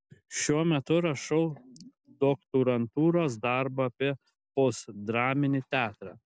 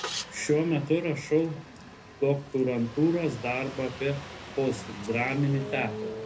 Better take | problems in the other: first | background sound (Engine starting); 12 dB below the speech // room echo; dies away in 0.3 s

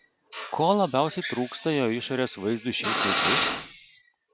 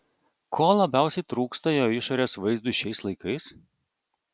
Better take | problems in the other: second | background sound (Drill); 4 dB below the speech

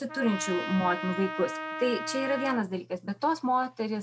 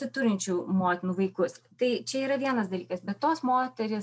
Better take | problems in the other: second | background sound (Trumpet); 8 dB below the speech

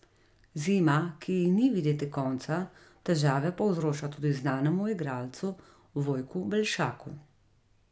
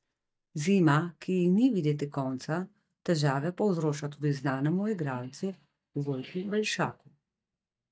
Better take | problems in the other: first | noise reduction (neural mask model DeepFilterNet 3)

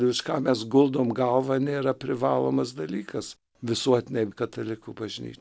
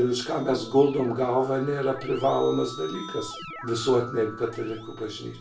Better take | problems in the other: first | background sound (Keyboard (musical)); 15 dB below the speech // room echo; dies away in 0.3 s

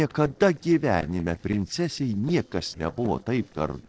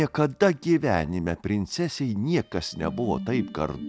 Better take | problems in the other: second | noise reduction (neural separator model SepFormer DNS4)

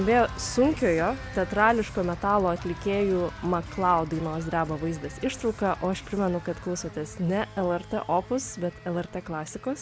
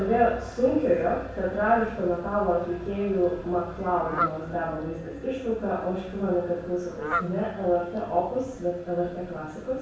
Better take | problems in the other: first | background sound (Fowl); 12 dB below the speech // room echo; dies away in 0.7 s

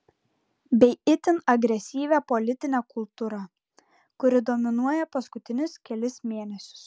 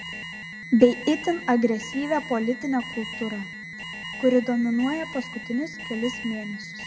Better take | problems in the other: first | background sound (Alarm); 11 dB below the speech // room echo; dies away in 1.1 s

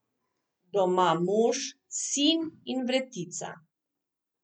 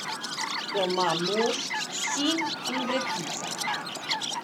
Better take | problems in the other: first | background sound (Chirp, tweet); as loud as the speech

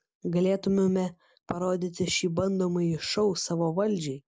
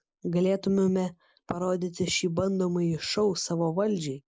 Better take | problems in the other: first | noise reduction (neural mask model Resemble Enhance denoiser)

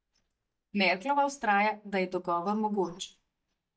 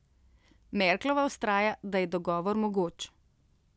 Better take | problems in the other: second | noise reduction (neural mask model DeepFilterNet 3)

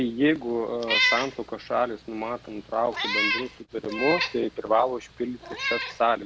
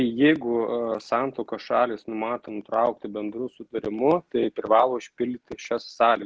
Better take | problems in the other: second | background sound (Meow); 4 dB below the speech

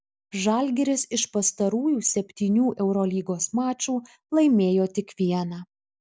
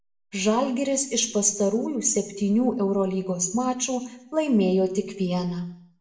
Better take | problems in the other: first | room echo; dies away in 0.7 s

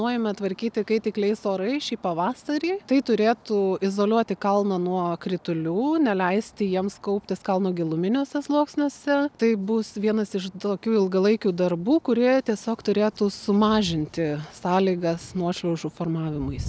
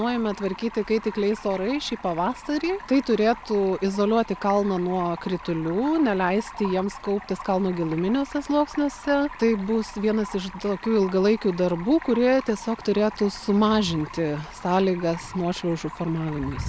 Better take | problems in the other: first | background sound (Stream); 16 dB below the speech

